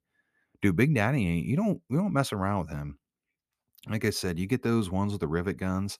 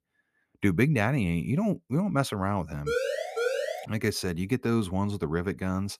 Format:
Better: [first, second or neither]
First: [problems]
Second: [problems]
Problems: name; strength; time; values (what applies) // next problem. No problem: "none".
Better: first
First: none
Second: siren; noticeable; at 3 s; peak 1 dB below the speech